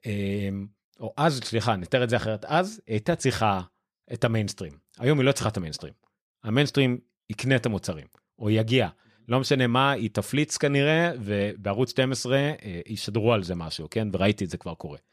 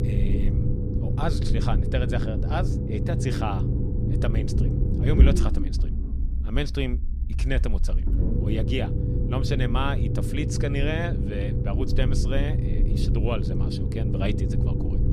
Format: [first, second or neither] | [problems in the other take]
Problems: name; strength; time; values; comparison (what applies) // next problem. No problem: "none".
first | low rumble; loud; throughout; 4 dB below the speech